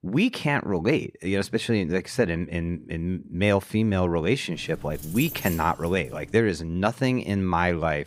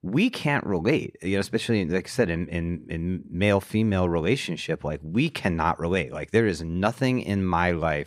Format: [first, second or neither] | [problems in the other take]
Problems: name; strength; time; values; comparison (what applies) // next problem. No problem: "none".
second | jangling keys; noticeable; from 4.5 to 6.5 s; peak 8 dB below the speech